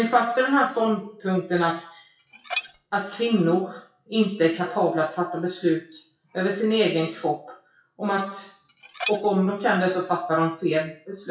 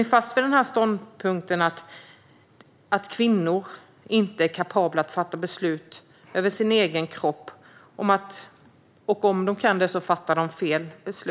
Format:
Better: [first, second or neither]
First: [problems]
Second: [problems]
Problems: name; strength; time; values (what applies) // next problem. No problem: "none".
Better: second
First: noise reduction (classical method WPE with log-MMSE)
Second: none